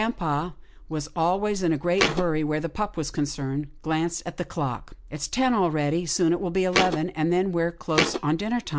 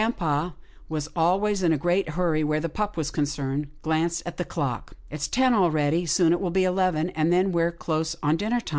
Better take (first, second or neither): second